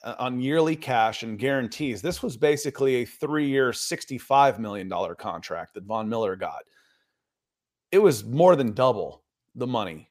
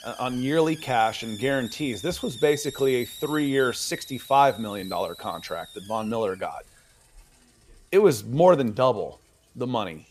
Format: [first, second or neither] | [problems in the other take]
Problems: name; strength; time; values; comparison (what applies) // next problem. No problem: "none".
first | hiss; noticeable; throughout; 15 dB below the speech